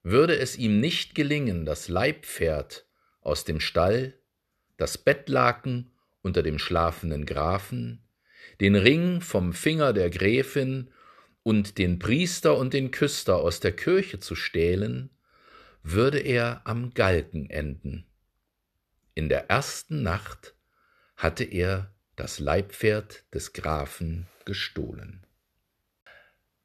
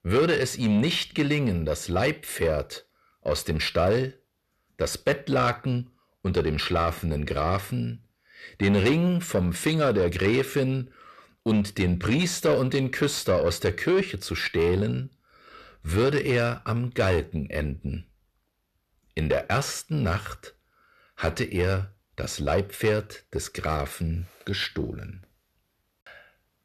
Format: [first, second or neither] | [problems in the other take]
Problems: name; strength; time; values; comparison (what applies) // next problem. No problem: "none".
first | distortion; slight; 10 dB below the speech